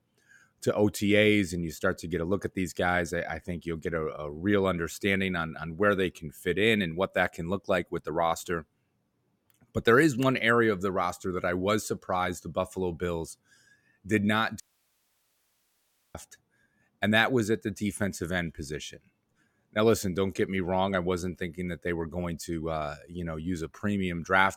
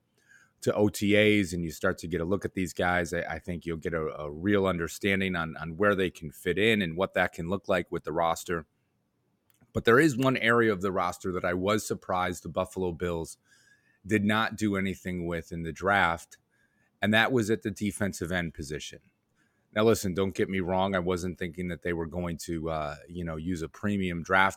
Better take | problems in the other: second | audio cutting out; at 15 s for 1.5 s

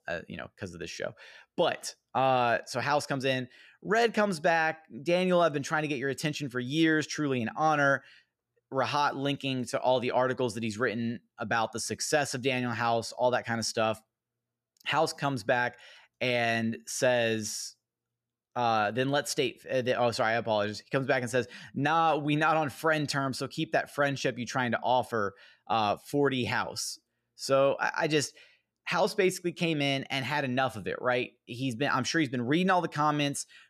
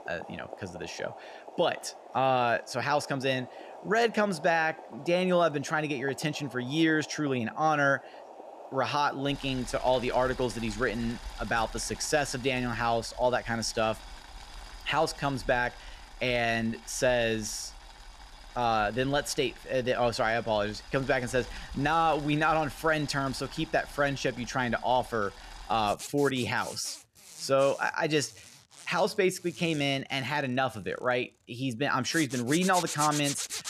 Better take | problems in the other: first | household noises; noticeable; throughout; 15 dB below the speech

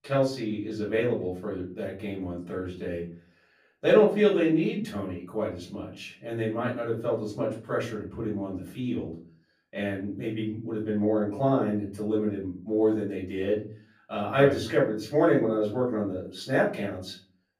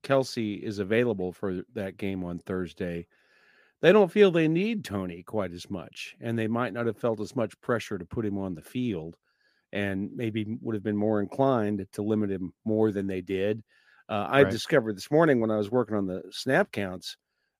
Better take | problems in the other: second | room echo; slight; dies away in 0.4 s // off-mic speech; far

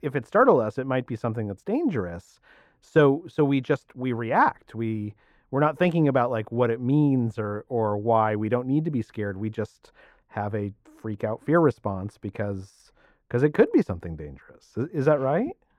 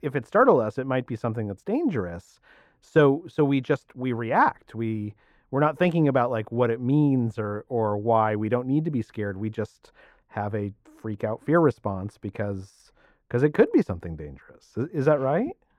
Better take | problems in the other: neither | muffled; very; fading above 2.5 kHz; the same in both

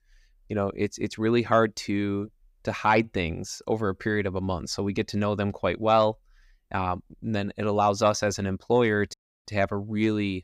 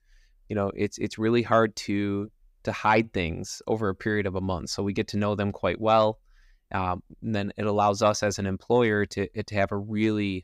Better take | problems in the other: second | audio cutting out; at 9 s

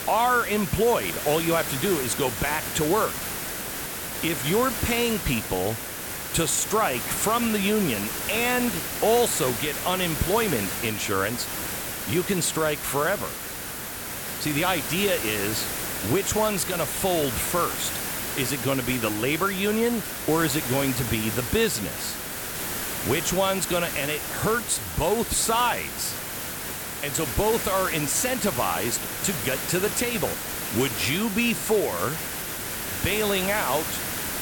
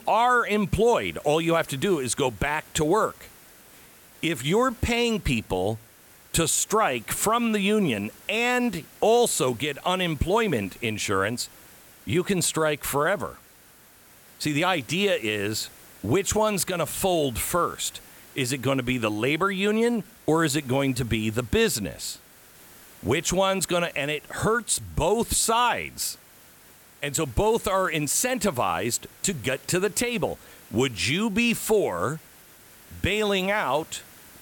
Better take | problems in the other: second | hiss; loud; throughout; 4 dB below the speech; faint in the second

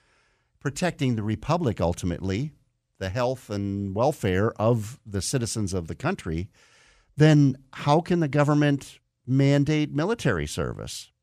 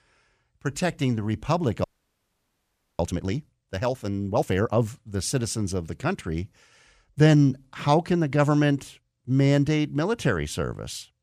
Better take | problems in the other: first | audio freezing; at 2 s for 1 s

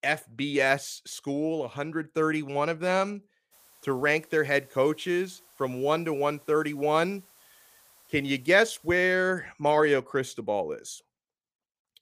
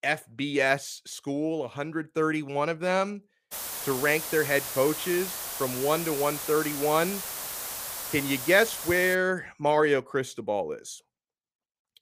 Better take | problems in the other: first | hiss; loud; from 3.5 to 9 s; 6 dB below the speech; faint in the first

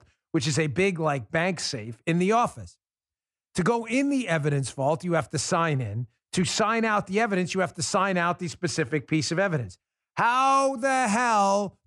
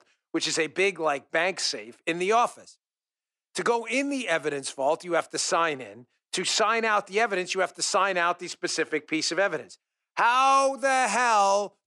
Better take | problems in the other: first | thin; somewhat; fading below 300 Hz

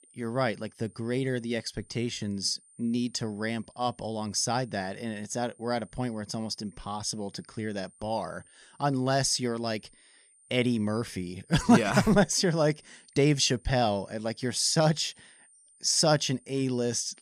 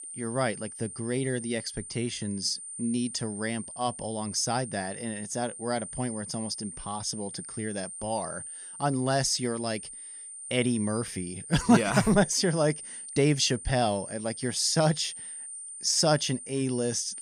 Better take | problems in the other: first | high-pitched whine; loud; throughout; 9 kHz, 10 dB below the speech; faint in the first

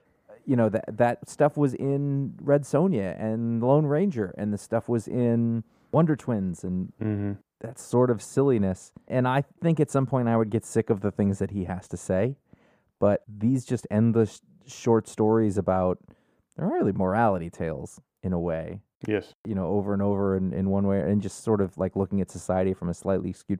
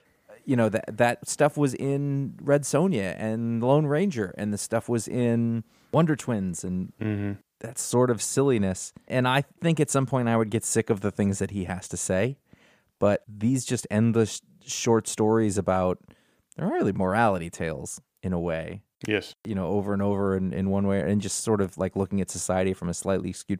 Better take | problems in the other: second | muffled; slightly; fading above 1.5 kHz

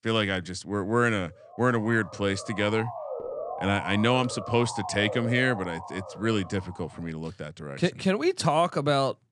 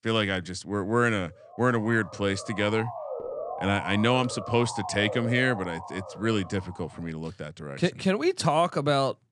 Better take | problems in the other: neither | siren; noticeable; from 1.5 to 7 s; peak 8 dB below the speech; the same in both

